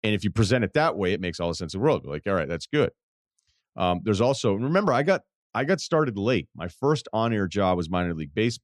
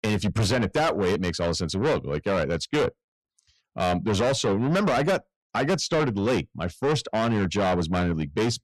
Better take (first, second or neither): first